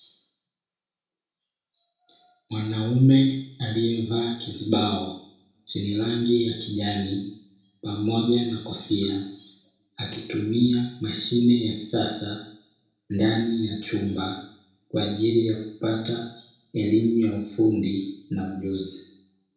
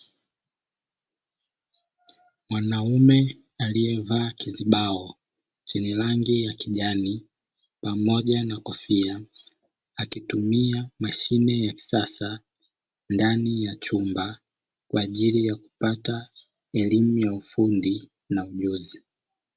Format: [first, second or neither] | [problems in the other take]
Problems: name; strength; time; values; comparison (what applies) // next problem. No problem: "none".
second | room echo; dies away in 0.6 s